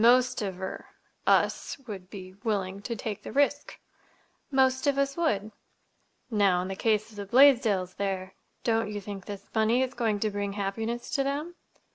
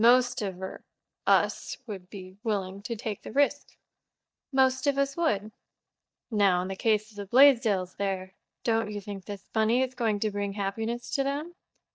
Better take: first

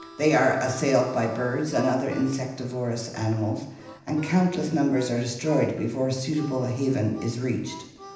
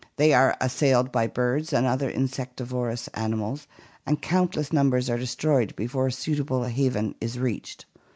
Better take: second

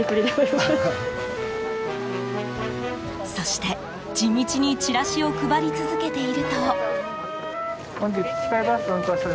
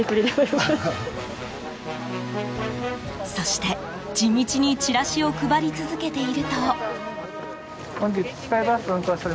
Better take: second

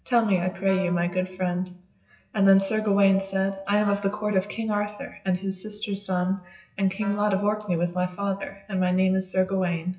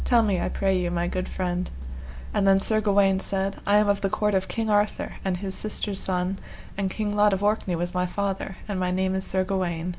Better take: second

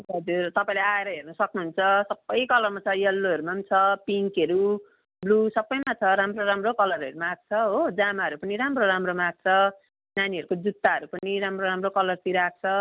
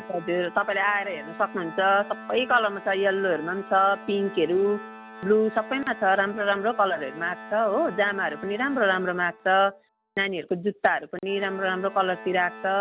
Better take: first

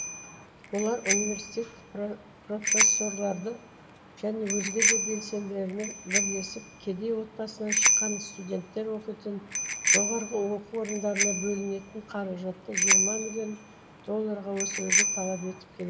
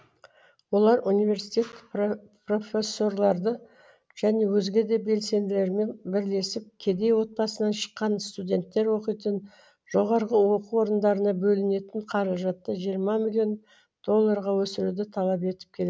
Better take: second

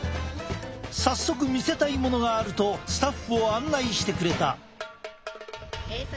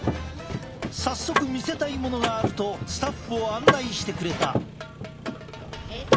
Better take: first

